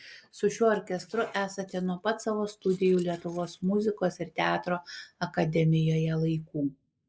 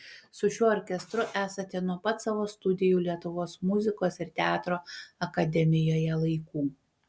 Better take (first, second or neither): second